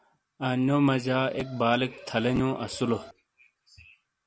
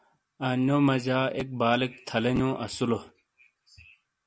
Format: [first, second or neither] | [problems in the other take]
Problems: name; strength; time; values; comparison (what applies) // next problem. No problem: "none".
second | background sound (Alarm); 19 dB below the speech